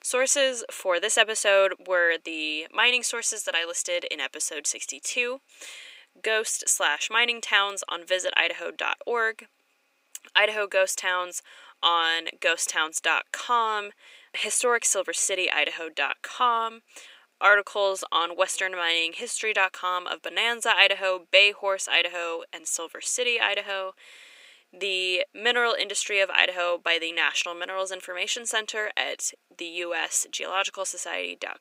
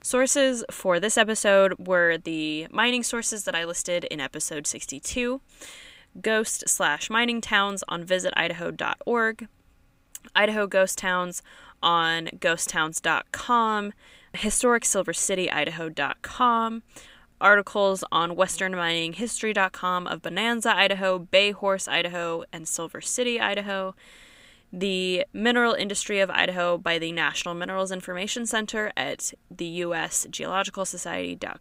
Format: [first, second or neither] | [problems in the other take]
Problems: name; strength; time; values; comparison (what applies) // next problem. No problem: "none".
second | thin; very; fading below 350 Hz